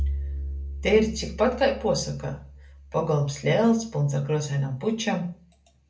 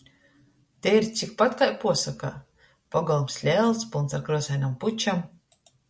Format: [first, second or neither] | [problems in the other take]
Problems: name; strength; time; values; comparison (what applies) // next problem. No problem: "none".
second | background sound (Bowed string instrument); 10 dB below the speech // room echo; dies away in 0.3 s